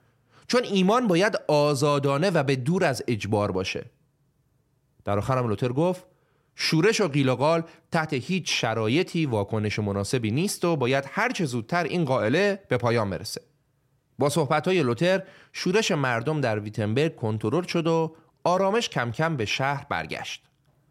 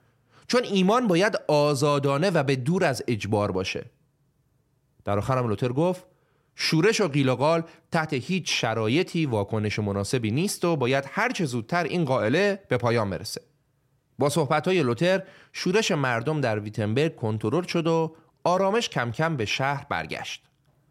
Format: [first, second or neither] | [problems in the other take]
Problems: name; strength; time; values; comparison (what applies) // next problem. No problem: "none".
neither | none